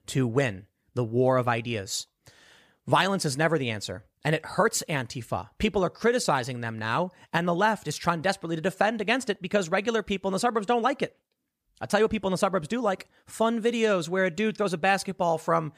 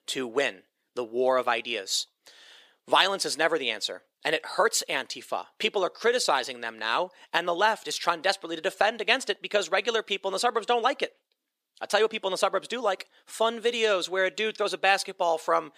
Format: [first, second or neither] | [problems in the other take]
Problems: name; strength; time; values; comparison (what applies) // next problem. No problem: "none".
first | thin; somewhat; fading below 350 Hz